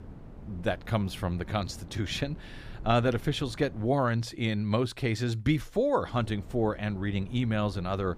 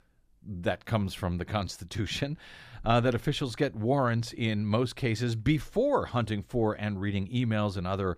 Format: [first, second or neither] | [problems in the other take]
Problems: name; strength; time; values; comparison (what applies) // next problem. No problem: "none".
second | wind noise on the microphone; occasional gusts; until 4 s and from 6 s on; 25 dB below the speech